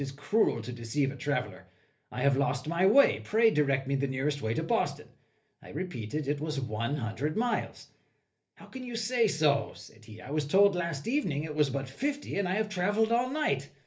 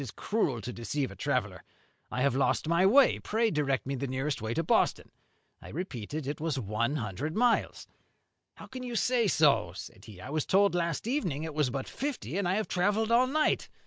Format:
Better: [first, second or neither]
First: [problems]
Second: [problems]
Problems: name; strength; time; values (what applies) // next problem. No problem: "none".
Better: second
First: room echo; dies away in 0.3 s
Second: none